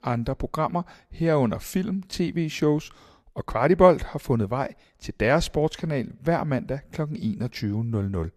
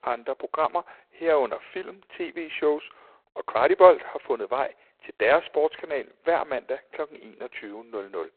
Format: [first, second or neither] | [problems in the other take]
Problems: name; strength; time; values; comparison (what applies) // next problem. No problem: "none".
first | phone-call audio; poor line; nothing above 4 kHz